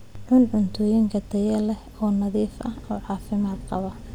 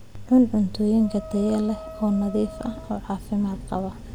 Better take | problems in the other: first | background sound (Wind instrument, woodwind instrument); 17 dB below the speech

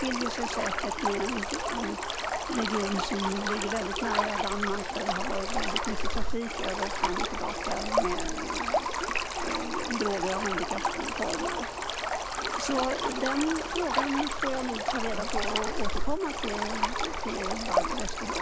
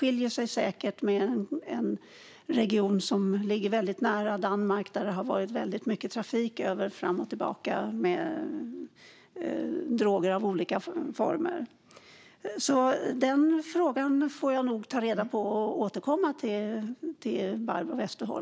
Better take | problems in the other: second | background sound (Stream); 4 dB above the speech

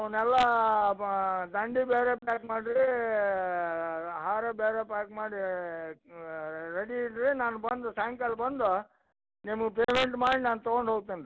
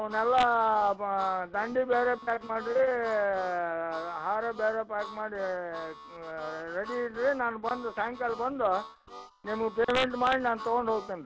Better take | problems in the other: first | background sound (Harmonica); 16 dB below the speech

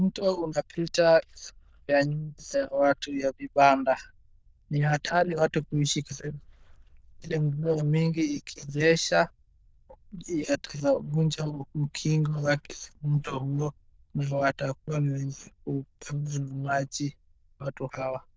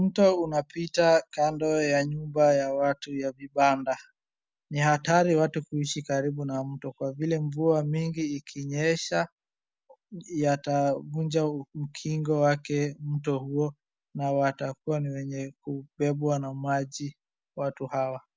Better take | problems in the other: second | noise reduction (neural diffusion model UNIVERSE++)

